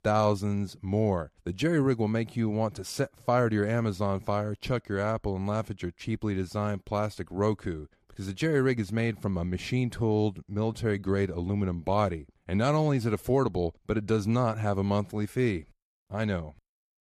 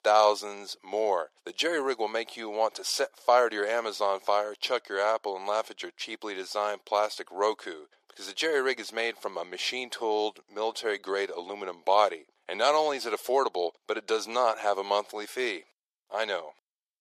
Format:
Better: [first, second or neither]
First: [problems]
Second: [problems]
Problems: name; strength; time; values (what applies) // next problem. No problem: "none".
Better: first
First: none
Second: thin; very; fading below 450 Hz